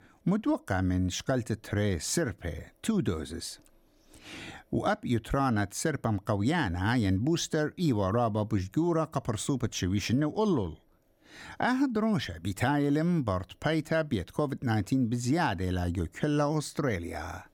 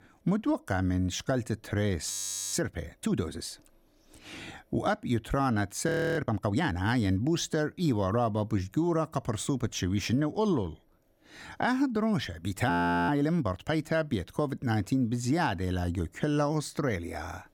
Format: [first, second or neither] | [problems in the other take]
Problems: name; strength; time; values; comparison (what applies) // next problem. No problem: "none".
first | audio freezing; at 2 s, at 6 s and at 13 s